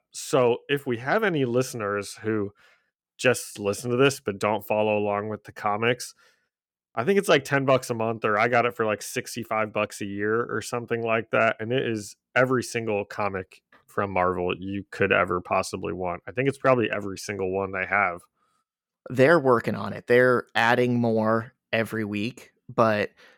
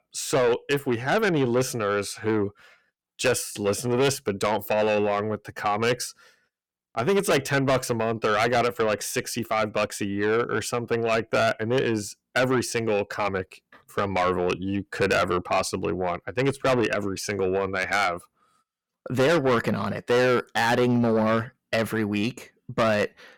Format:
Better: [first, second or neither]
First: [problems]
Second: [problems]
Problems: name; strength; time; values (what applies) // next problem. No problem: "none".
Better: first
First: none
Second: distortion; heavy; 7 dB below the speech